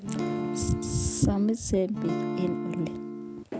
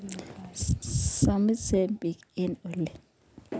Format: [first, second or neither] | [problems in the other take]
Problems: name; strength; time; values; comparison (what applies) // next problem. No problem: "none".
second | background sound (Acoustic guitar / Strum); 3 dB below the speech